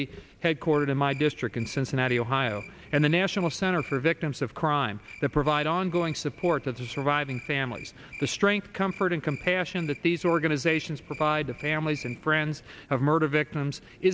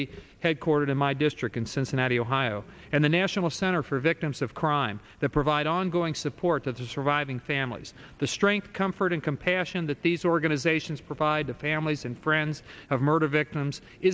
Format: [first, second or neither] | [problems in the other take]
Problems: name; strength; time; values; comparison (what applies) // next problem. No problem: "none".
second | background sound (Cricket); 20 dB below the speech